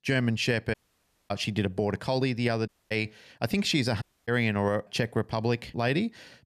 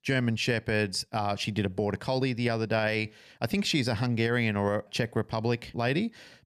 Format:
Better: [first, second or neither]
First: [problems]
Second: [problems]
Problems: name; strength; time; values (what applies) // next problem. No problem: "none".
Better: second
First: audio cutting out; at 0.5 s for 0.5 s, at 2.5 s and at 4 s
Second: none